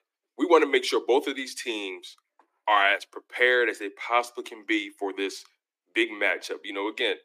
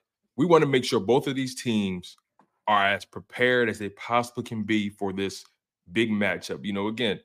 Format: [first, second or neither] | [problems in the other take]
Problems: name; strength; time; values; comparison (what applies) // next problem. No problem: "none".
second | thin; somewhat; fading below 300 Hz